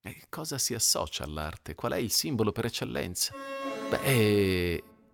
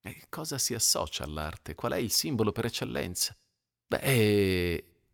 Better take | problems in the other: second | alarm; noticeable; from 3.5 s on; peak 6 dB below the speech

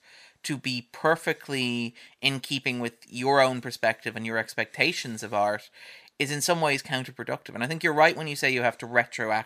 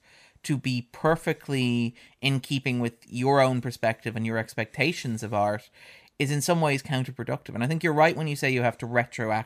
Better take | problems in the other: second | thin; very slightly; fading below 400 Hz

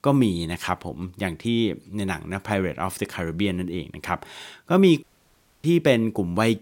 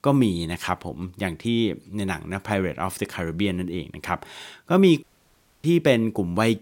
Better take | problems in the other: neither | audio cutting out; at 5 s for 0.5 s; the same in both

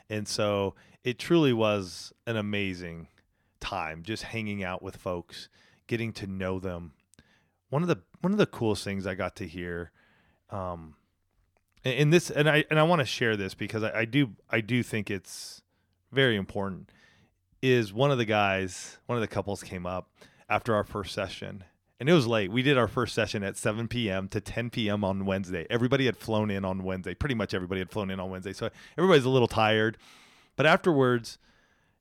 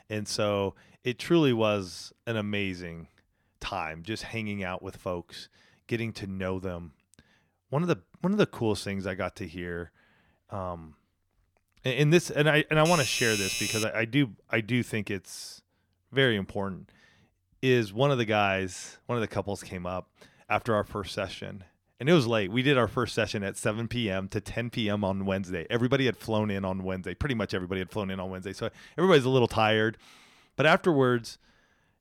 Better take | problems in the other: first | doorbell; noticeable; from 13 to 14 s; peak level with the speech

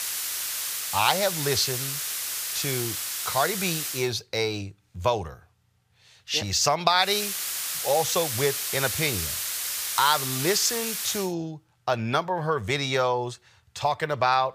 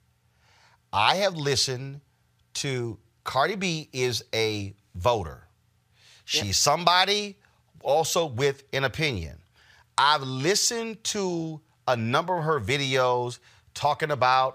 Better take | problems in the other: second | hiss; loud; until 4 s and from 7 to 11 s; 2 dB below the speech

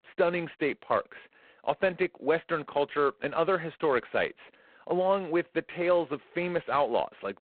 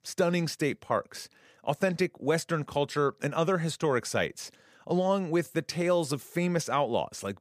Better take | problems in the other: second | phone-call audio; poor line; nothing above 4 kHz

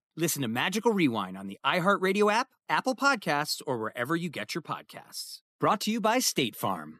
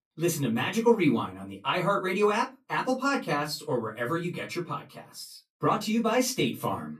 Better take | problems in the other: first | off-mic speech; far // room echo; very slight; dies away in 0.2 s

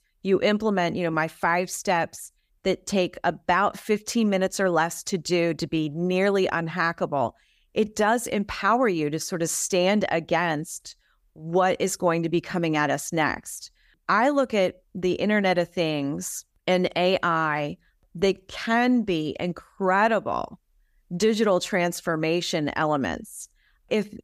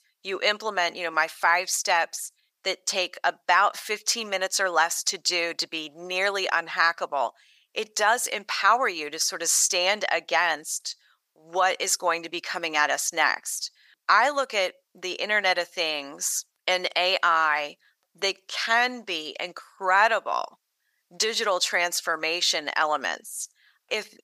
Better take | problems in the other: first | thin; very; fading below 850 Hz

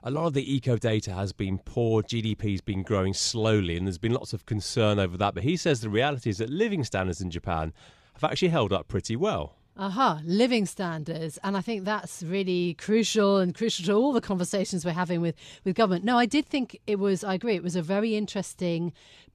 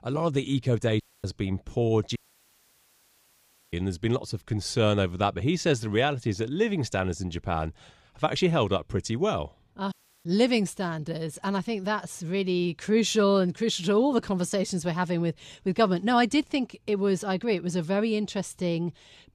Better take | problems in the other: first | audio cutting out; at 1 s, at 2 s for 1.5 s and at 10 s

